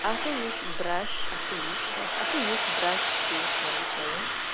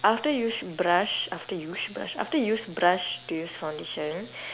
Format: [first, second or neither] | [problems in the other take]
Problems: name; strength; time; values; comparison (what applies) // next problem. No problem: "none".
second | background sound (Domestic sounds, home sounds); 5 dB above the speech